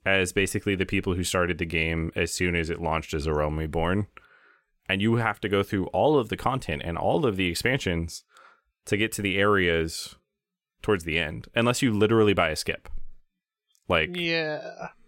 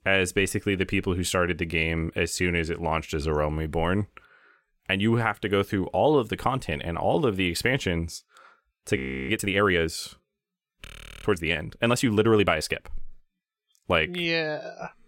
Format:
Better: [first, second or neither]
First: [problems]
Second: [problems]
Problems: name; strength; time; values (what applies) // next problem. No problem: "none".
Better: first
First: none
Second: audio freezing; at 9 s and at 11 s